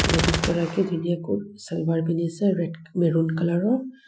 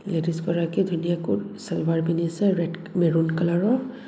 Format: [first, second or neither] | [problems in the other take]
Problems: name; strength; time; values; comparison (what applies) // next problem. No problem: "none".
second | noise reduction (classical method Wiener filter)